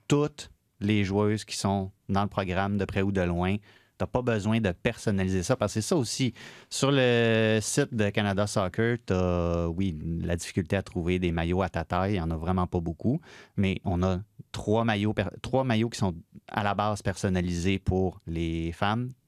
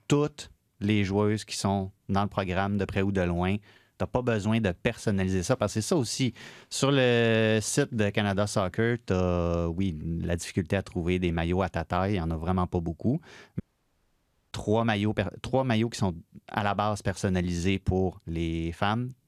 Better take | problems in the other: first | audio cutting out; at 14 s for 1 s

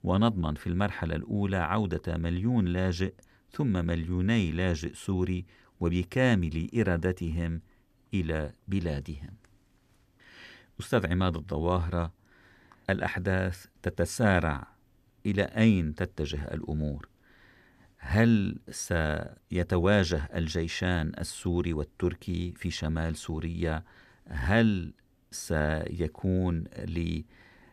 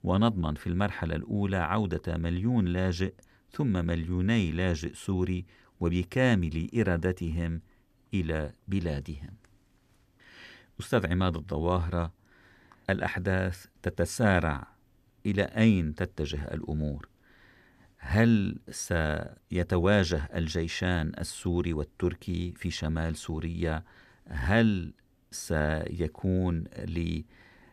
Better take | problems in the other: neither | none

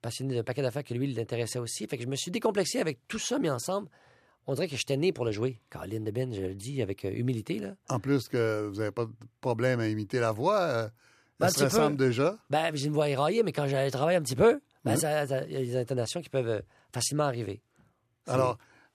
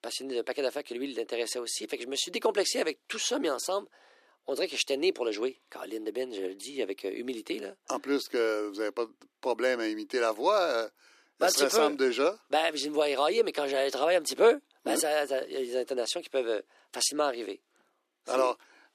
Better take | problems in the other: first | thin; somewhat; fading below 300 Hz

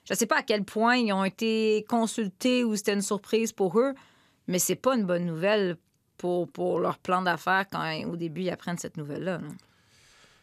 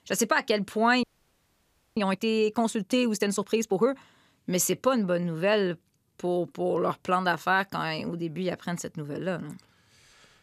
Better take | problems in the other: first | audio freezing; at 1 s for 1 s

